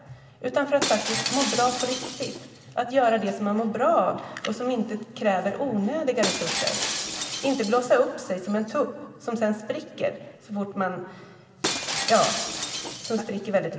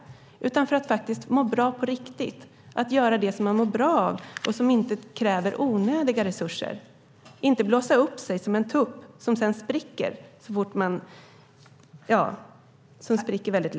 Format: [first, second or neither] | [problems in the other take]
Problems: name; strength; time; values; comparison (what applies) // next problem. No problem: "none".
second | background sound (Shatter); 7 dB below the speech // room echo; dies away in 1.8 s